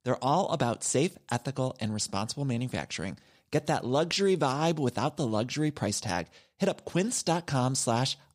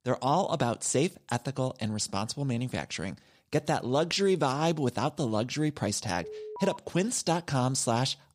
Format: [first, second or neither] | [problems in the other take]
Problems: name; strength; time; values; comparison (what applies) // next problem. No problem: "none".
first | alarm; faint; at 6 s; peak 10 dB below the speech